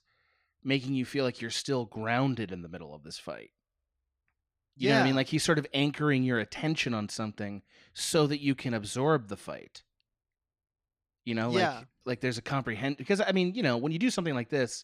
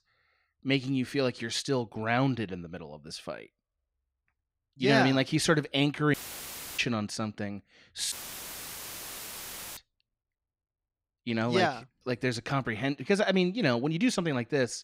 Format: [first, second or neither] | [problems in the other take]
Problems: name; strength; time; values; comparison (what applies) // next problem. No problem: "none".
first | audio cutting out; filled with static; at 6 s for 0.5 s and at 8 s for 1.5 s